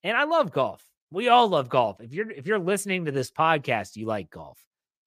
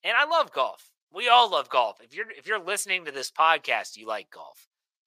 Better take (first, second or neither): first